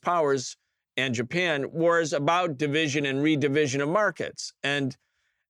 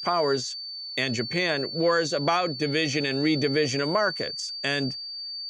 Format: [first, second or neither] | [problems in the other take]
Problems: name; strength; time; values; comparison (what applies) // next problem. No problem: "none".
first | high-pitched whine; loud; throughout; 4.5 kHz, 6 dB below the speech